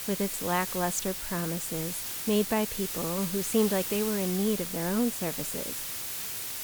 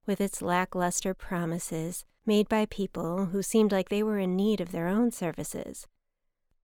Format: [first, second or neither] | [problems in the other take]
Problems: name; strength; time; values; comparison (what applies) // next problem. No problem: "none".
second | hiss; loud; throughout; 2 dB below the speech